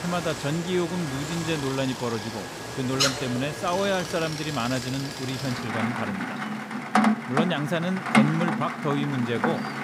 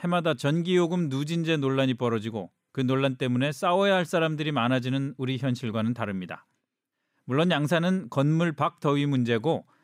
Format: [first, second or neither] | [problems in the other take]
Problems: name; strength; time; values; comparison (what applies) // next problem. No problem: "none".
second | rain or running water; loud; throughout; as loud as the speech